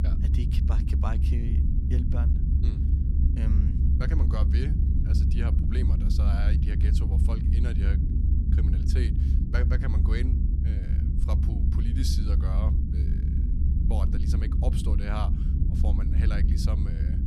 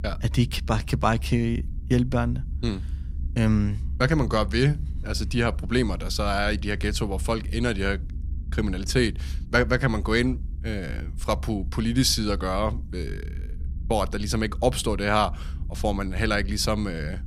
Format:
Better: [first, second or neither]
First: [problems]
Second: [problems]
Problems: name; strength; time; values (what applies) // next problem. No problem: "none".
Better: second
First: low rumble; loud; throughout; as loud as the speech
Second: low rumble; faint; throughout; 25 dB below the speech